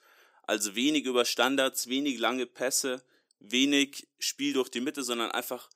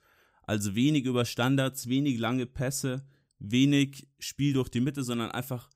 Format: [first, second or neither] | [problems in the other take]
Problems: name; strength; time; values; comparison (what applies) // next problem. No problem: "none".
second | thin; somewhat; fading below 300 Hz